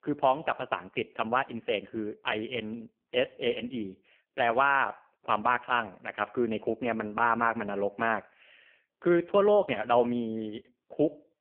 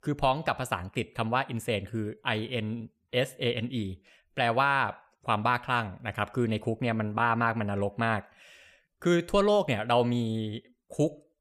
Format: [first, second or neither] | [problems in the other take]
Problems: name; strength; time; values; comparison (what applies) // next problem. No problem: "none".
second | phone-call audio; poor line; nothing above 3 kHz